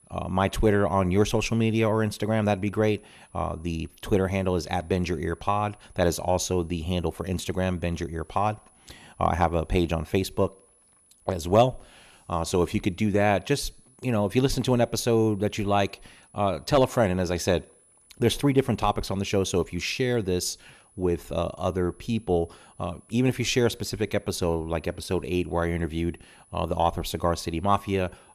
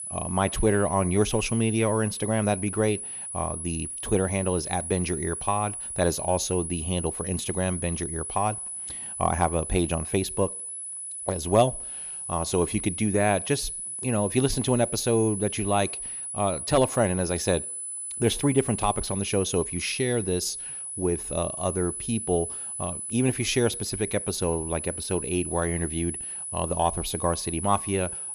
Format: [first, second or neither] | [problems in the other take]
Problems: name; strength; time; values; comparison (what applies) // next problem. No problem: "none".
first | high-pitched whine; loud; throughout; 10 kHz, 5 dB below the speech; faint in the first